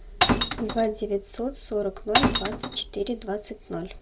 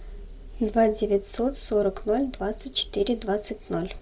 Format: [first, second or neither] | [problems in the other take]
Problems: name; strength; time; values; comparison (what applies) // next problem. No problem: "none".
second | background sound (Glass); 4 dB above the speech